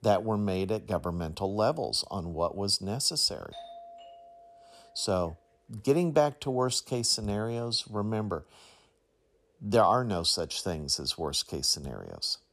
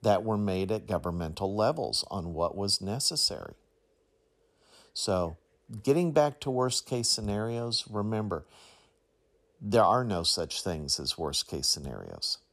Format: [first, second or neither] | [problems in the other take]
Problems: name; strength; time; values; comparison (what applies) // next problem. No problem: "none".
second | doorbell; faint; from 3.5 to 5 s; peak 15 dB below the speech